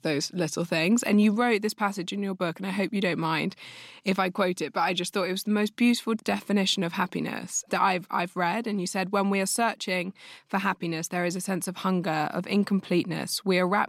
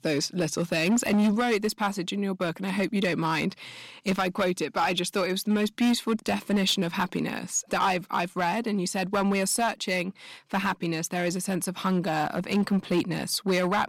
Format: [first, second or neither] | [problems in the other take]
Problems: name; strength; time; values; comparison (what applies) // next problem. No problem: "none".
first | distortion; slight; 6% of the sound clipped